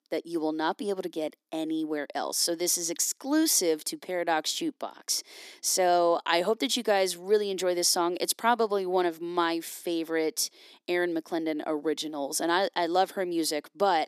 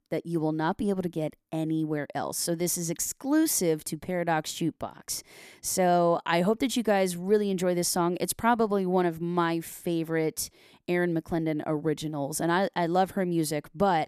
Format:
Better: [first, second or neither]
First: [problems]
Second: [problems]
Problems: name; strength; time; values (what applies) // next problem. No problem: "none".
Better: second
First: thin; somewhat; fading below 300 Hz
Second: none